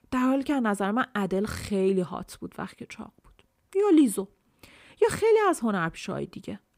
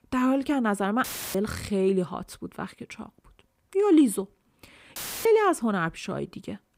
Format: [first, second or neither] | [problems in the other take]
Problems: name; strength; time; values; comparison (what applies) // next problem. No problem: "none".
first | audio cutting out; filled with static; at 1 s and at 5 s